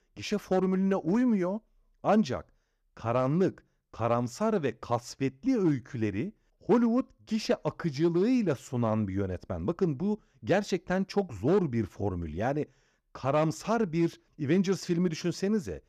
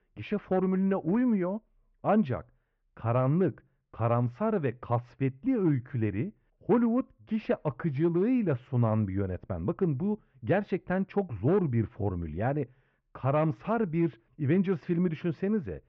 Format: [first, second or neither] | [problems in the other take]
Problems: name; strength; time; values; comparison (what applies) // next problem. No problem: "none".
first | muffled; very; fading above 2.5 kHz